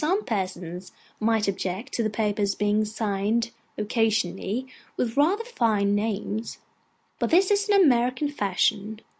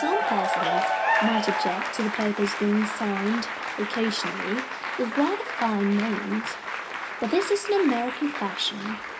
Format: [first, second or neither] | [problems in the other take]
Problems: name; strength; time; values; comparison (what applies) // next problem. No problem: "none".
first | background sound (Applause / Cheering); 2 dB below the speech // room echo; dies away in 0.9 s